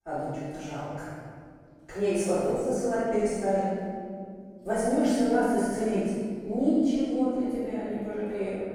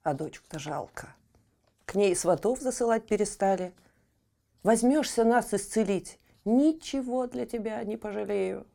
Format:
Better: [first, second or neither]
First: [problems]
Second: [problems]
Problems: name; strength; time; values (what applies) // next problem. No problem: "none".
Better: second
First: off-mic speech; far // room echo; strong; dies away in 2.3 s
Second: none